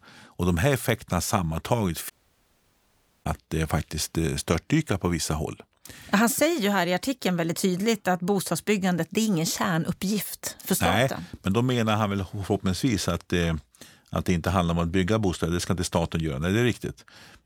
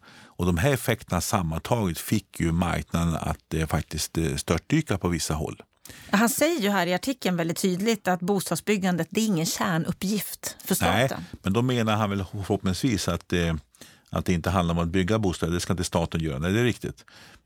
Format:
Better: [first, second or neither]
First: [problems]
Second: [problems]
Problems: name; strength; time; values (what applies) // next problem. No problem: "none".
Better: second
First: audio cutting out; at 2 s for 1 s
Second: none